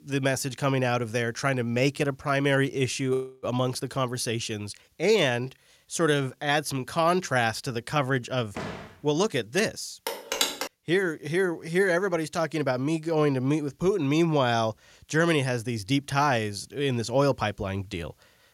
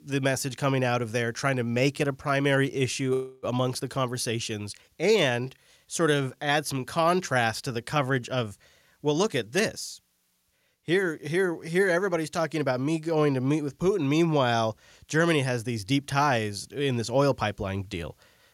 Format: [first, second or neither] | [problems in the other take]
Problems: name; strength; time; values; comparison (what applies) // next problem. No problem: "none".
second | door banging; faint; at 8.5 s; peak 10 dB below the speech // phone ringing; loud; at 10 s; peak level with the speech